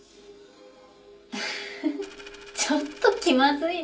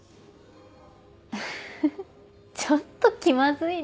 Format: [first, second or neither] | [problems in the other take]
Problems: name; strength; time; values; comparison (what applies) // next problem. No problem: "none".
second | background sound (Coin (dropping)); 18 dB below the speech // room echo; dies away in 0.3 s